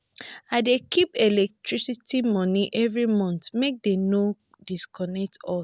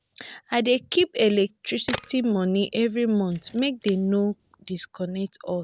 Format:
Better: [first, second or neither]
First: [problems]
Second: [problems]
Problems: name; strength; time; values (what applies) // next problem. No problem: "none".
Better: first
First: none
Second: background sound (Camera); 16 dB below the speech